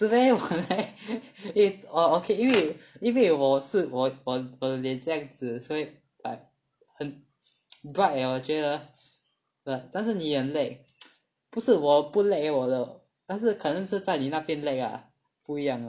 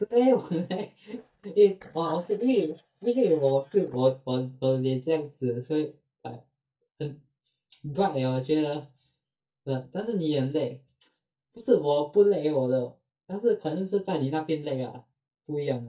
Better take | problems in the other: first | noise reduction (neural mask model DeepFilterNet 3)

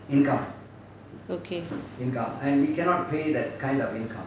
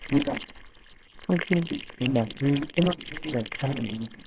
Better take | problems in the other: first | noise reduction (neural separator model SepFormer WHAMR!)

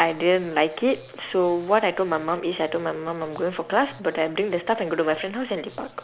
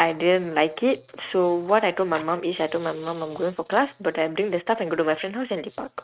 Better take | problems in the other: first | noise reduction (neural mask model RNNoise)

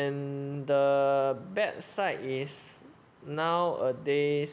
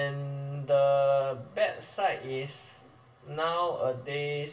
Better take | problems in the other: first | room echo; dies away in 0.2 s

